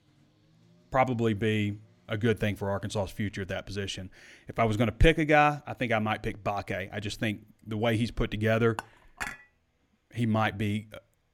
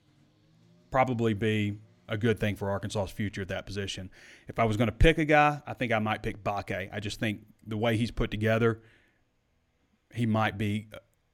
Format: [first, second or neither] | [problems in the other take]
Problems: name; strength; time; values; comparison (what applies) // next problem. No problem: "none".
second | clattering dishes; noticeable; at 9 s; peak 9 dB below the speech